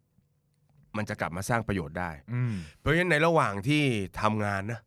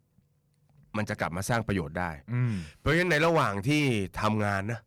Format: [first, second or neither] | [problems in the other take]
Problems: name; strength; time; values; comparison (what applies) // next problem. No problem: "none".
first | distortion; slight; 4% of the sound clipped